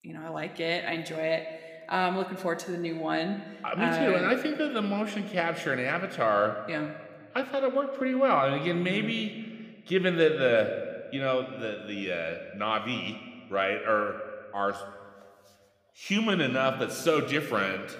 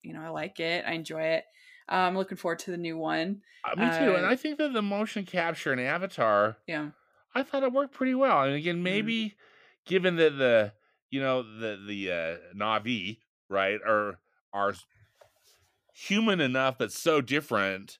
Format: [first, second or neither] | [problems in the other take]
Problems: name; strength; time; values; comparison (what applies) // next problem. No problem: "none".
second | room echo; very slight; dies away in 1.2 s